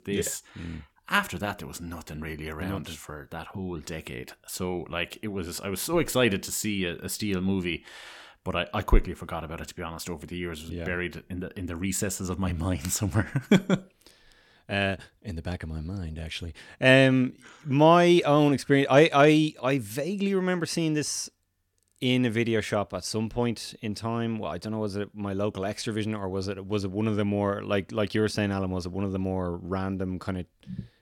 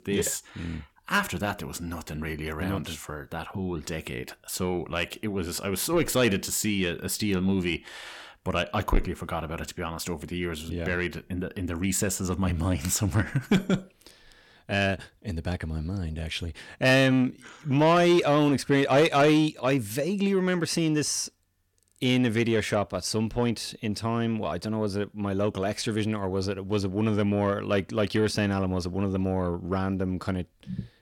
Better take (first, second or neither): first